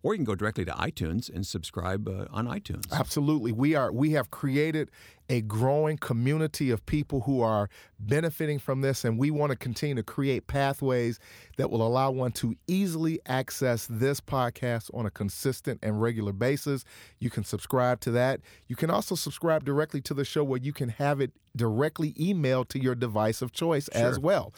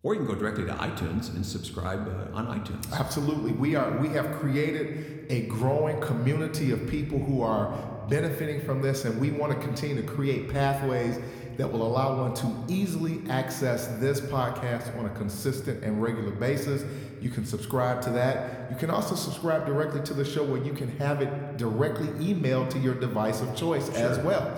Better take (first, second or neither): first